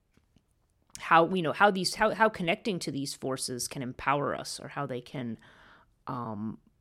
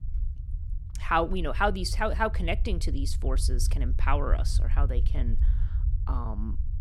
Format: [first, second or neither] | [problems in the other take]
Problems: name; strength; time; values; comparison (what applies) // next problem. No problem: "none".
first | low rumble; faint; throughout; 20 dB below the speech